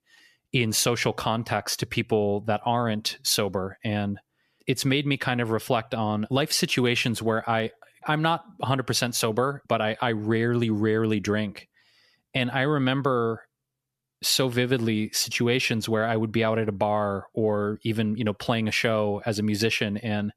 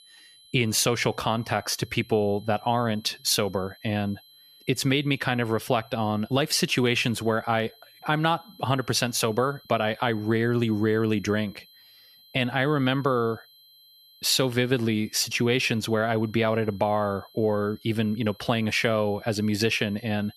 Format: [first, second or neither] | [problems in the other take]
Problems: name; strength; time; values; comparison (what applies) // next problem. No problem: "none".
first | high-pitched whine; faint; throughout; 4 kHz, 25 dB below the speech